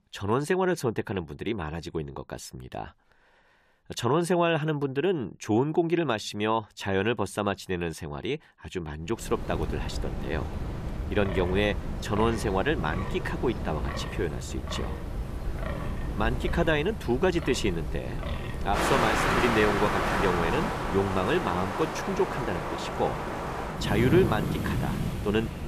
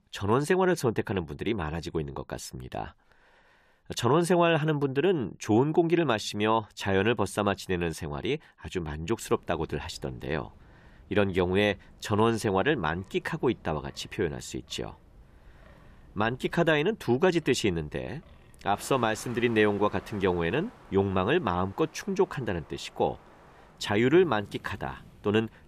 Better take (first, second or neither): second